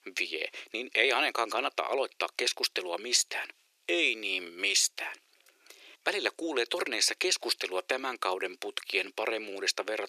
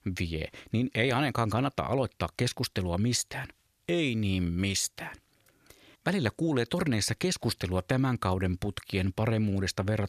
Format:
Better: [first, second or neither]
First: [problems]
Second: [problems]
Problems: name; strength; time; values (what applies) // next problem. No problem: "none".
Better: second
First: thin; very; fading below 350 Hz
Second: none